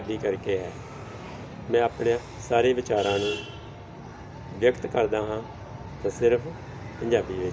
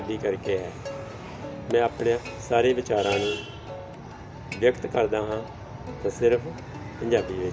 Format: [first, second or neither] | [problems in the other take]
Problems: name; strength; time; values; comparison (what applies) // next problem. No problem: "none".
first | background sound (Plucked string instrument); 16 dB below the speech